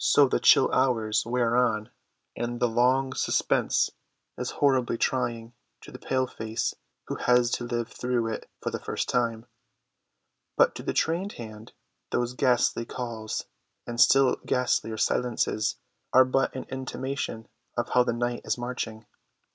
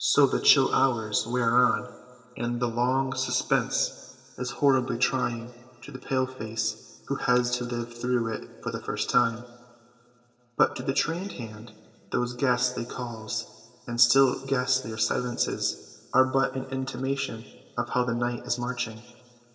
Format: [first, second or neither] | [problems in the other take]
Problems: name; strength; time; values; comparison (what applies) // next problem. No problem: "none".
first | room echo; dies away in 3 s